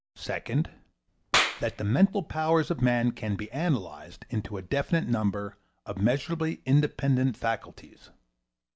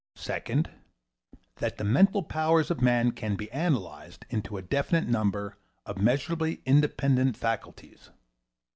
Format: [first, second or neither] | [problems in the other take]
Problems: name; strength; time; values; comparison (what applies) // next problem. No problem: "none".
second | background sound (Clapping); 6 dB below the speech